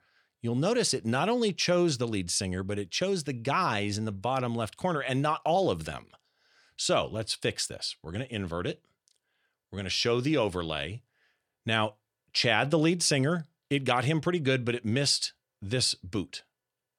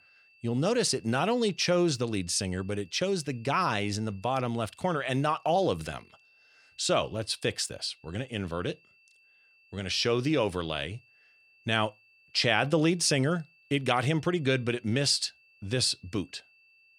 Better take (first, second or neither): first